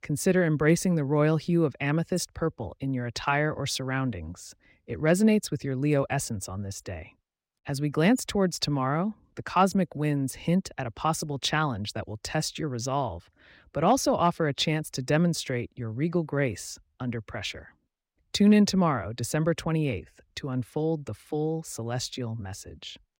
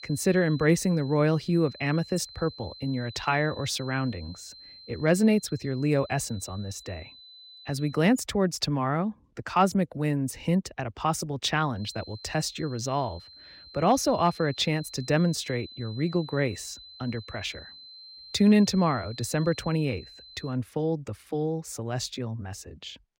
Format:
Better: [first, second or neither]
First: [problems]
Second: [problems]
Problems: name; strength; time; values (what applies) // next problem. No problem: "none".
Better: first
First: none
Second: high-pitched whine; noticeable; until 8 s and from 12 to 21 s; 4 kHz, 20 dB below the speech